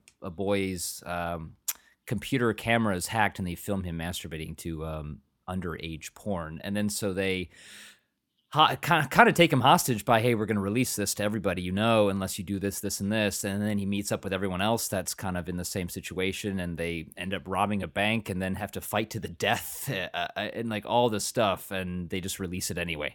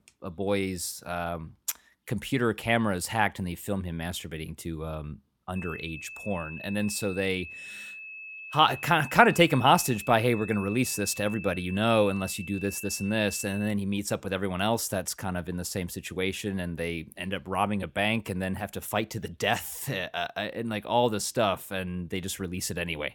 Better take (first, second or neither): first